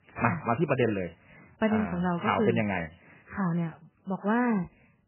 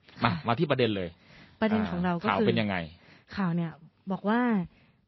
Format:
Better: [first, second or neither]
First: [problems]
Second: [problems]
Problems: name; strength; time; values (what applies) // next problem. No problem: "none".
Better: second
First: garbled, watery; badly; nothing above 3 kHz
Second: garbled, watery; slightly